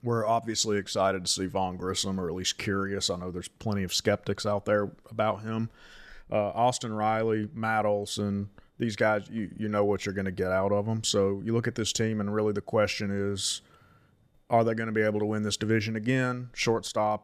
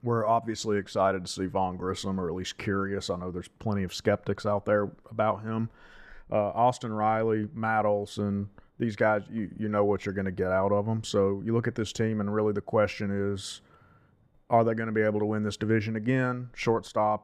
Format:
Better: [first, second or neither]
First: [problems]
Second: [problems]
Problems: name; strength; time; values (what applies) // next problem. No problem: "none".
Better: first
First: none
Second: muffled; slightly; fading above 2.5 kHz